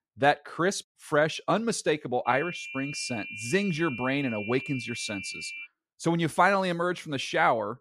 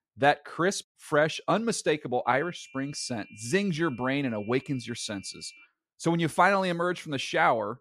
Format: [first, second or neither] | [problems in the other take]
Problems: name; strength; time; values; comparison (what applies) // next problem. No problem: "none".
second | high-pitched whine; loud; from 2.5 to 5.5 s; 2.5 kHz, 9 dB below the speech; faint in the second